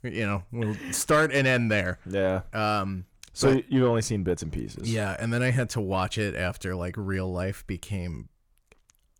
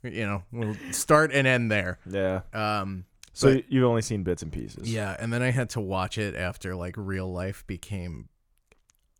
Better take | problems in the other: second | distortion; slight; 10 dB below the speech

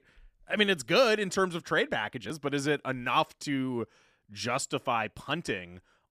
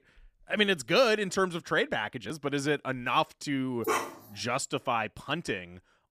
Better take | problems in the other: first | dog barking; noticeable; at 4 s; peak 1 dB below the speech

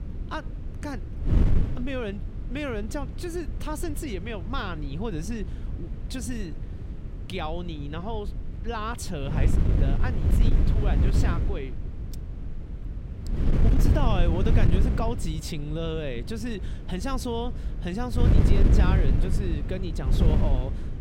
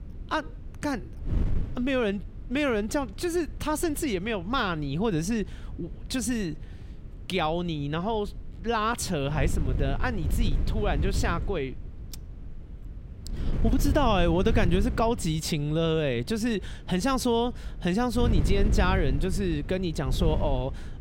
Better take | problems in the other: second | wind noise on the microphone; heavy; 5 dB below the speech; occasional gusts in the second

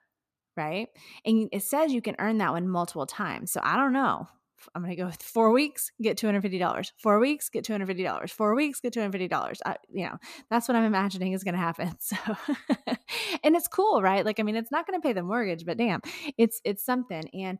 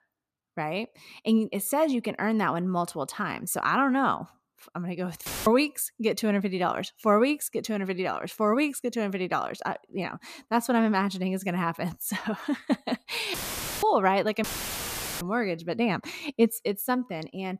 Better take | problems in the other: first | audio cutting out; filled with static; at 5.5 s, at 13 s and at 14 s for 1 s

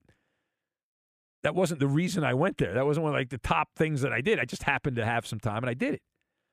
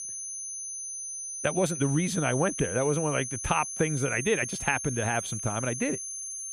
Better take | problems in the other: first | high-pitched whine; loud; throughout; 6 kHz, 5 dB below the speech

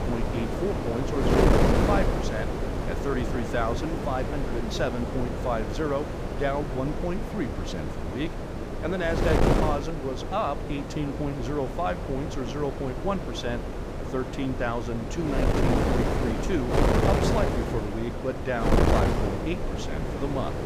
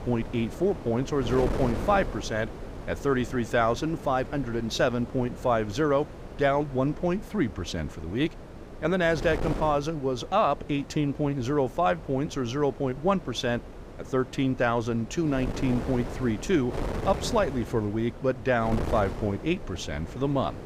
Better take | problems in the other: second | wind noise on the microphone; heavy; 1 dB above the speech; occasional gusts in the second

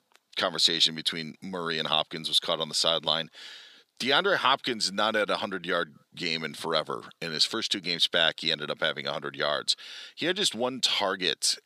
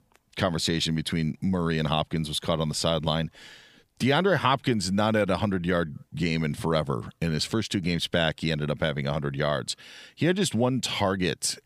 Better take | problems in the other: second | thin; somewhat; fading below 350 Hz

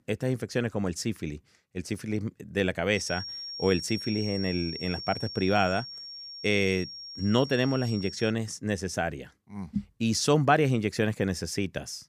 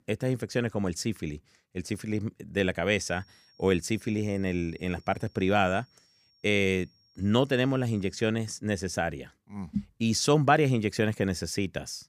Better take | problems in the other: second | high-pitched whine; loud; from 3 to 8.5 s; 5.5 kHz, 9 dB below the speech; faint in the second

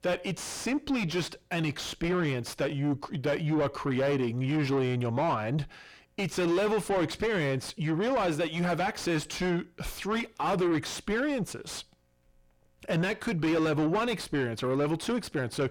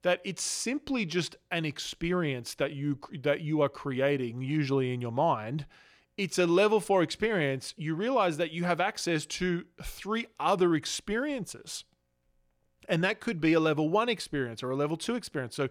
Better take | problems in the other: second | distortion; heavy; 6 dB below the speech

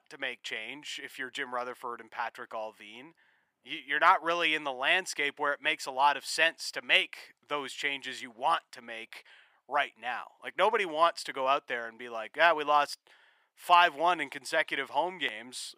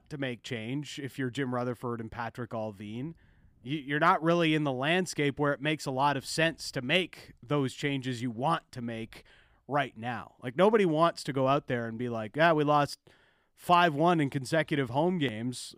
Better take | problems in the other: second | thin; very; fading below 650 Hz

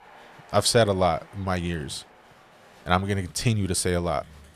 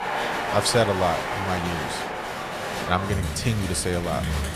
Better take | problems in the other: first | crowd noise; loud; throughout; 3 dB below the speech; faint in the first

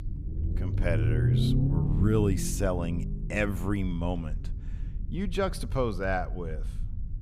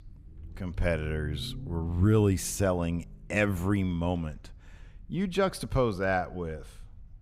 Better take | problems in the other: second | low rumble; loud; throughout; 7 dB below the speech; faint in the second

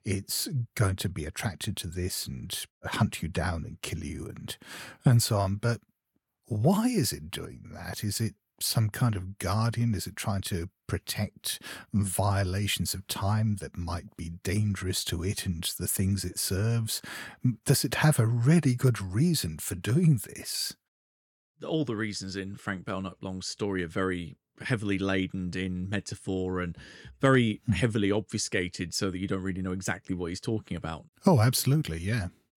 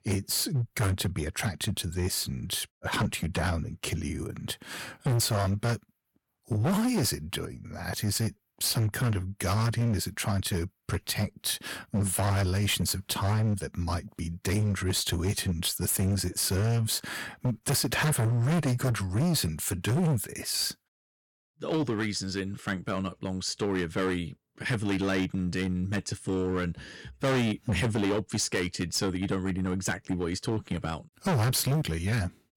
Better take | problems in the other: first | distortion; heavy; 14% of the sound clipped

